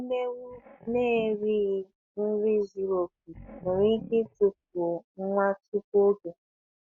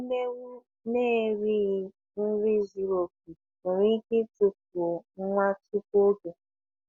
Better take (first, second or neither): second